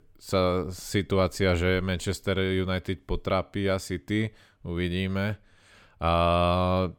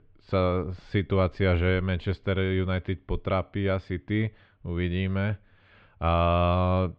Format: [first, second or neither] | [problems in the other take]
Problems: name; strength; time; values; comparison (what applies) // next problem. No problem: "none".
first | muffled; slightly; fading above 3 kHz